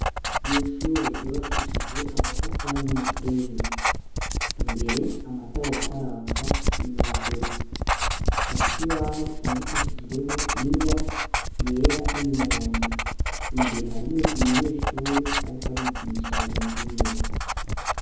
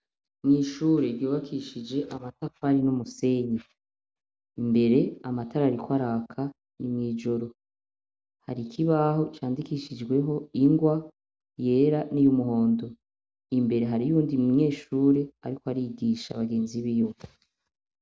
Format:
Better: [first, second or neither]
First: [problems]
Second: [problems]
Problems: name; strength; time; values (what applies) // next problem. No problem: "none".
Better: second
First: background sound (Writing); 4 dB above the speech // room echo; dies away in 2 s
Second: none